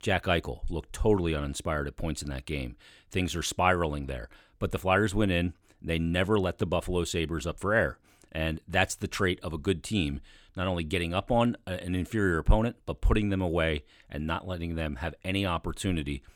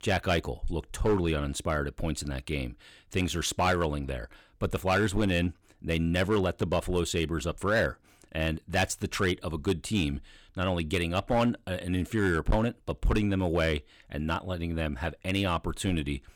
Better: first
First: none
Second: distortion; slight; 4% of the sound clipped

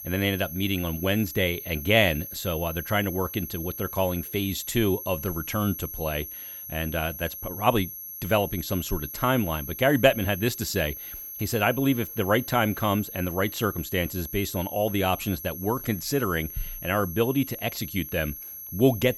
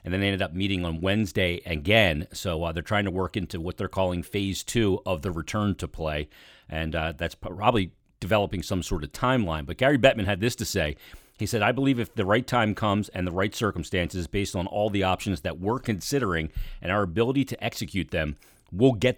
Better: second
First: high-pitched whine; loud; throughout; 11.5 kHz, 9 dB below the speech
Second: none

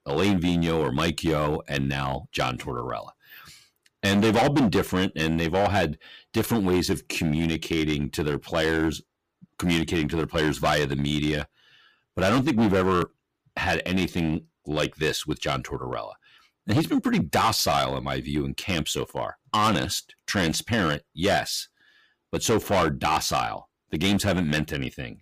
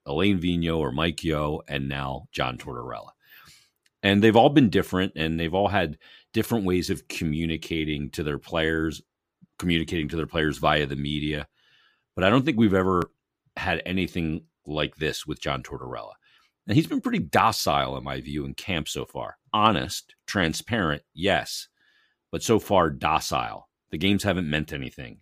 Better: second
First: distortion; heavy; 8% of the sound clipped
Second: none

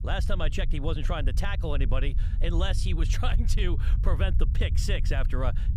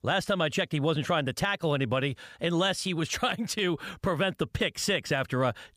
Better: second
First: low rumble; noticeable; throughout; 10 dB below the speech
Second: none

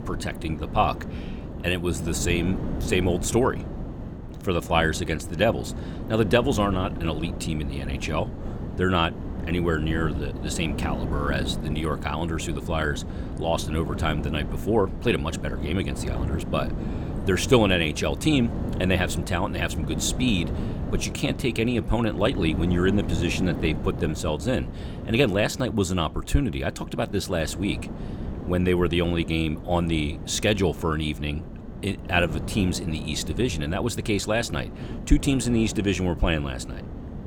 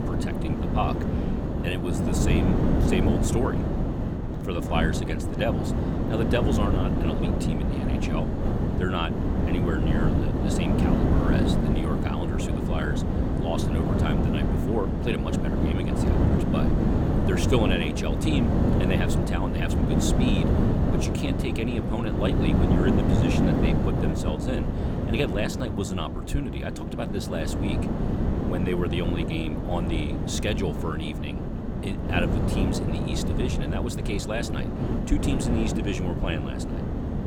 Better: first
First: wind noise on the microphone; occasional gusts; 10 dB below the speech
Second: wind noise on the microphone; heavy; 1 dB above the speech

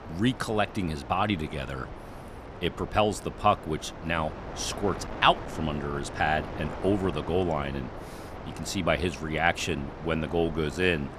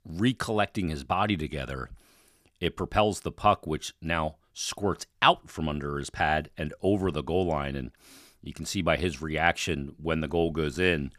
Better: second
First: wind noise on the microphone; occasional gusts; 15 dB below the speech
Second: none

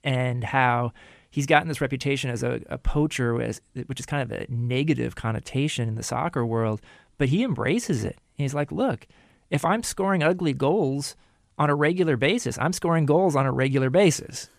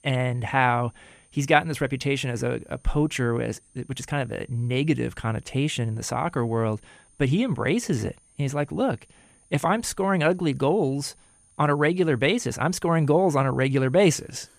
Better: first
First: none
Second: high-pitched whine; faint; throughout; 9 kHz, 30 dB below the speech

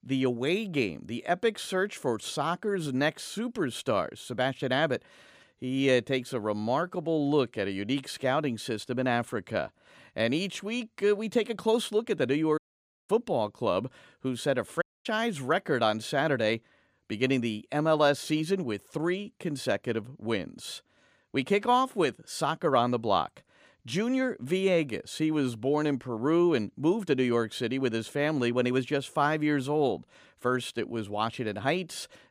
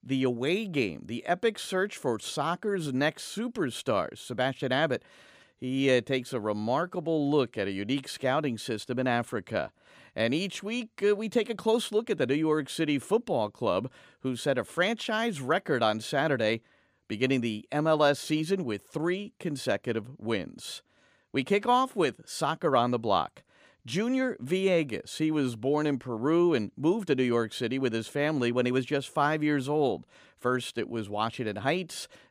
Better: second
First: audio cutting out; at 13 s for 0.5 s and at 15 s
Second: none

